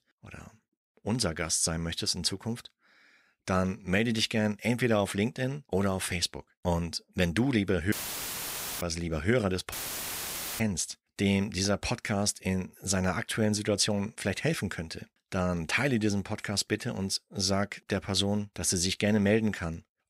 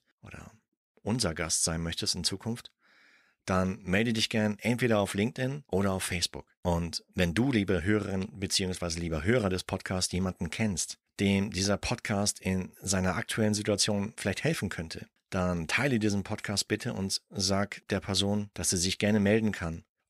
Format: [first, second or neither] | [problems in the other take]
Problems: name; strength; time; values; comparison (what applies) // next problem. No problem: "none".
second | audio cutting out; filled with static; at 8 s for 1 s and at 9.5 s for 1 s